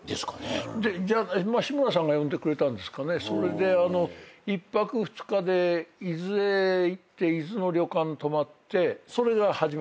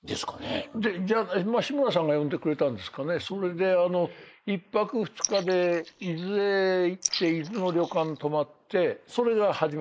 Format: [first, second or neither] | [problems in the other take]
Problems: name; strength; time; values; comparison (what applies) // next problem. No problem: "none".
first | noise reduction (neural mask model Resemble Enhance denoiser)